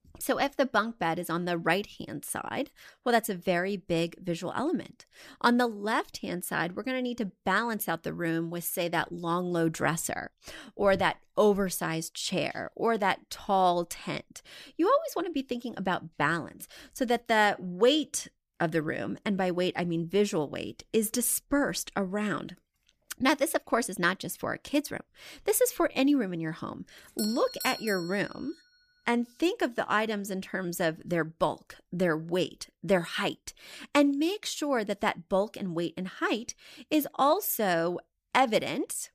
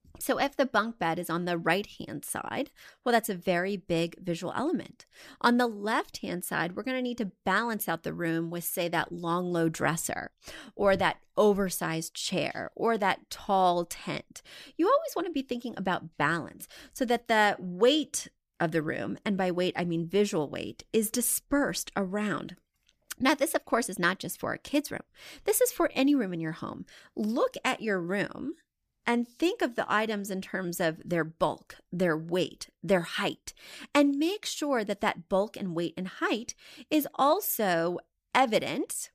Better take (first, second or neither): second